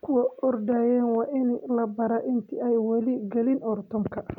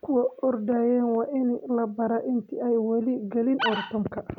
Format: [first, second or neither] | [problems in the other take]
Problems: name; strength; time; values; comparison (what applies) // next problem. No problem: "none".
first | background sound (Animal); 6 dB below the speech